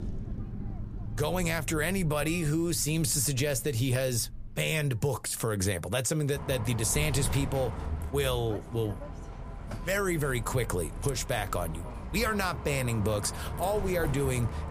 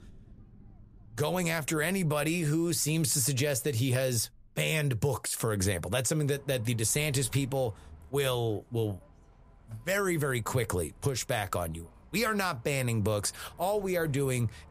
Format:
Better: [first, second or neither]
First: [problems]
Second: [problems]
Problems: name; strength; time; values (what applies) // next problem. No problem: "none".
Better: second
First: traffic noise; loud; throughout; 10 dB below the speech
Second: traffic noise; faint; throughout; 25 dB below the speech